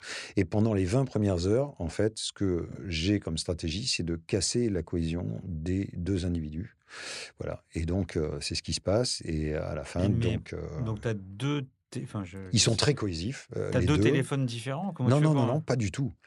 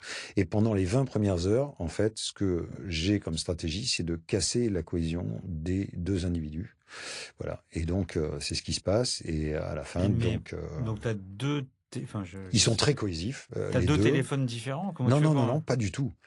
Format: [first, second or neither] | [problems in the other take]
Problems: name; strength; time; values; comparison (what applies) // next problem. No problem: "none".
first | garbled, watery; slightly; nothing above 10 kHz